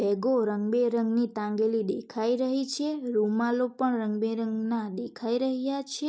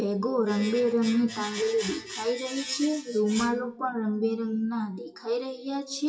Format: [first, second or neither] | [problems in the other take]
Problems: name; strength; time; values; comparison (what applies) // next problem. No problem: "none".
first | noise reduction (classical method WPE with log-MMSE)